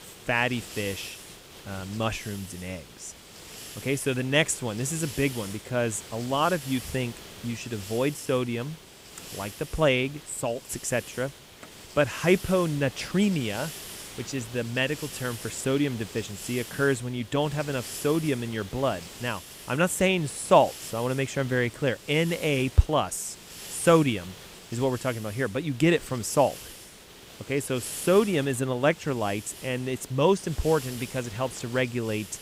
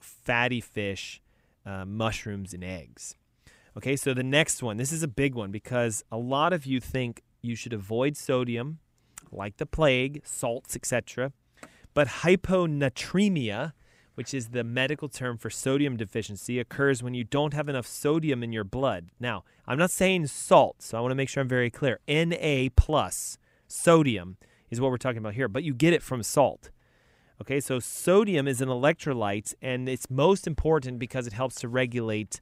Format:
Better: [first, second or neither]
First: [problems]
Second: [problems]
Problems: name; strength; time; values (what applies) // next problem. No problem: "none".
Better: second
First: hiss; noticeable; throughout; 15 dB below the speech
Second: none